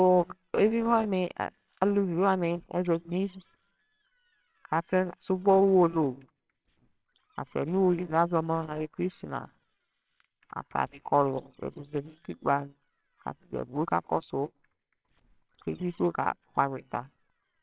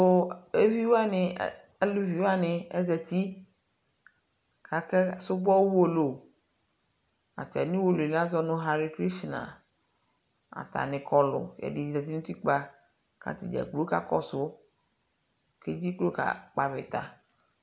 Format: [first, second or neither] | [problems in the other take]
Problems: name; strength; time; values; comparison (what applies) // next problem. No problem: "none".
second | noise reduction (neural separator model SepFormer WHAMR!)